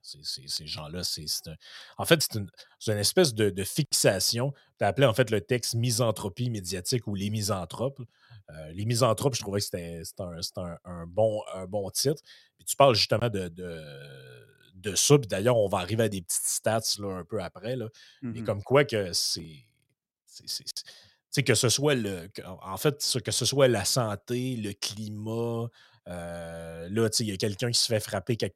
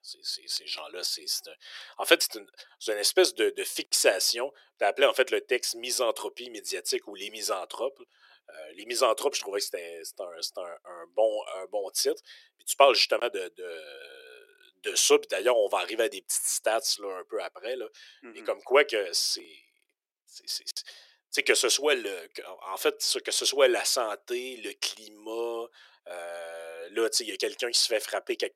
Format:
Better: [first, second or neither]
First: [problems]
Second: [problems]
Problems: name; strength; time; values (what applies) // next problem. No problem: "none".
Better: first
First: none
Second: thin; very; fading below 350 Hz